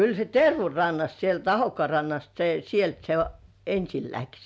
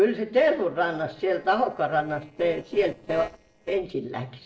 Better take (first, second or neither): first